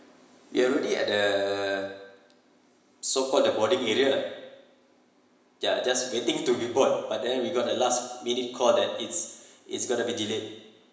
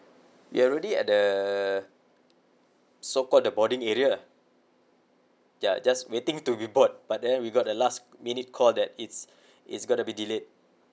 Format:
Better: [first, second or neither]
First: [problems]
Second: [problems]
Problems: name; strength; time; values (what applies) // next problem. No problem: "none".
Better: second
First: room echo; dies away in 1 s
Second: none